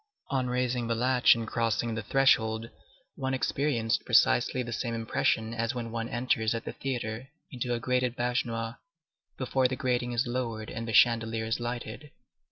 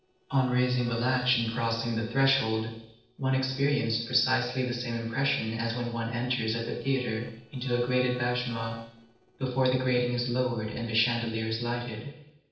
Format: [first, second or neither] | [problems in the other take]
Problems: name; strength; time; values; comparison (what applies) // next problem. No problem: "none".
first | noise reduction (neural separator model SepFormer DNS4)